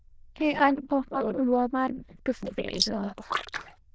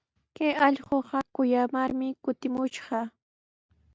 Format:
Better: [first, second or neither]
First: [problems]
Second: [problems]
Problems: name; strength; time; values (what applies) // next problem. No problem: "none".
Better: second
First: noise reduction (neural diffusion model UNIVERSE++)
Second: none